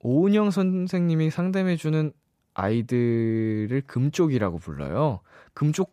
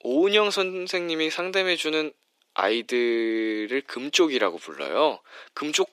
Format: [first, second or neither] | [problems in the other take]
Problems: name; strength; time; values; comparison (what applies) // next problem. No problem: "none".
first | thin; very; fading below 300 Hz